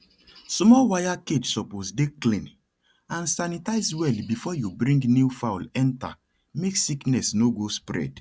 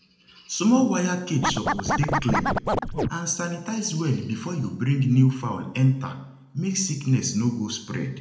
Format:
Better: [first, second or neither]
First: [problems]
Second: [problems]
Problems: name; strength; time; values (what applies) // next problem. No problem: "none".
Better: first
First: none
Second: background sound (Scratching (performance technique)); as loud as the speech // room echo; dies away in 0.7 s